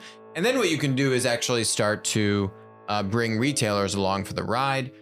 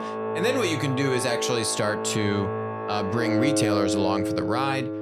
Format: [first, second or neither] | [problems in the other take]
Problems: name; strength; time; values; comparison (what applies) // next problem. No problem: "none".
first | background music; loud; throughout; 2 dB below the speech; faint in the first